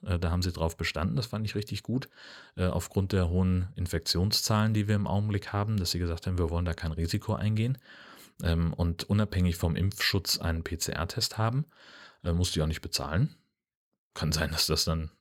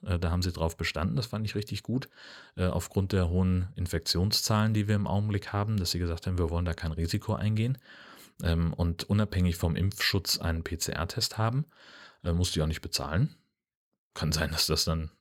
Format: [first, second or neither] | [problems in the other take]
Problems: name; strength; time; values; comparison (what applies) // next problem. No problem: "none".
neither | none